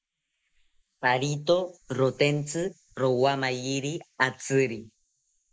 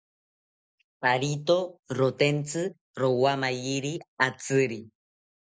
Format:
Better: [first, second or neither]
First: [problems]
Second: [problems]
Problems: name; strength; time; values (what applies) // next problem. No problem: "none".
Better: second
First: noise reduction (neural mask model Resemble Enhance denoiser)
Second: none